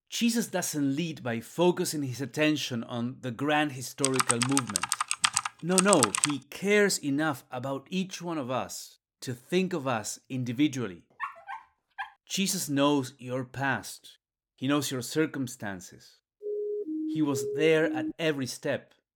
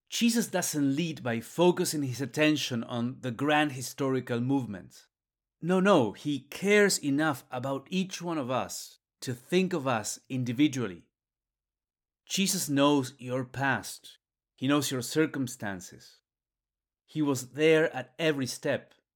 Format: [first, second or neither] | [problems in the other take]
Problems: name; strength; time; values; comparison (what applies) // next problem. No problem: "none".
second | keyboard typing; loud; from 4 to 6.5 s; peak 5 dB above the speech // dog barking; noticeable; at 11 s; peak 8 dB below the speech // siren; noticeable; from 16 to 18 s; peak 3 dB below the speech